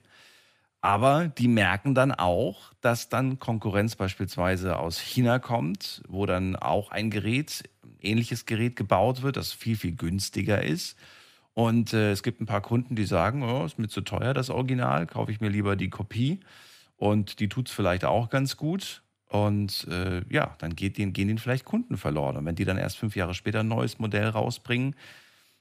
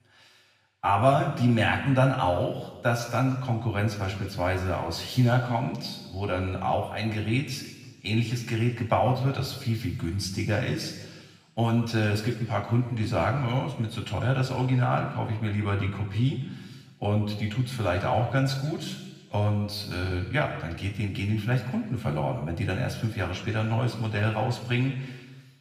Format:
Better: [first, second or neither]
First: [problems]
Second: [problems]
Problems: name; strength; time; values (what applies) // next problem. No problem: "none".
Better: first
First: none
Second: room echo; noticeable; dies away in 1.2 s // off-mic speech; somewhat distant